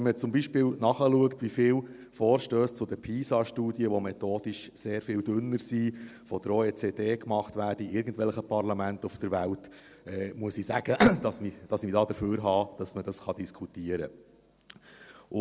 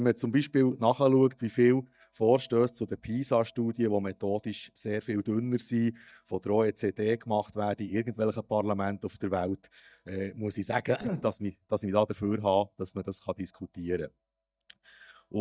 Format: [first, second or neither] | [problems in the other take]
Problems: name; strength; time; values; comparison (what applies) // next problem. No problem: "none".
first | noise reduction (neural mask model DeepFilterNet 3)